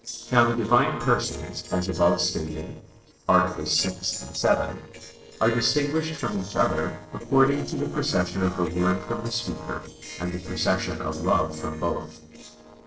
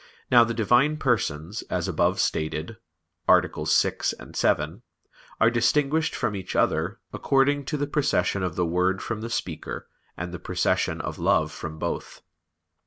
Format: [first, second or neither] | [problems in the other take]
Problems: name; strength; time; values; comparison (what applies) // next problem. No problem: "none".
second | noise reduction (neural separator model SepFormer DNS4)